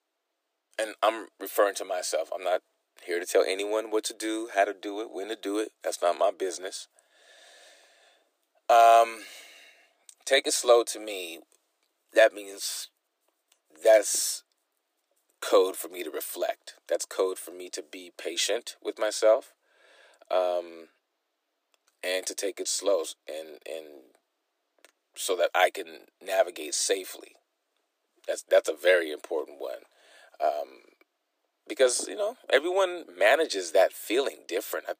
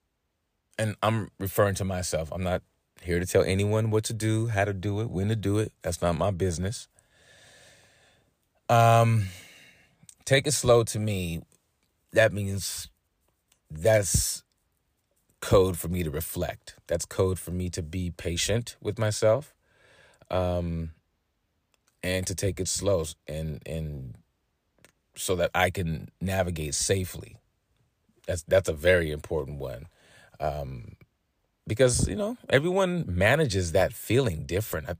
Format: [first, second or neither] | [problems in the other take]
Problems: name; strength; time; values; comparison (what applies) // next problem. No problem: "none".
second | thin; very; fading below 300 Hz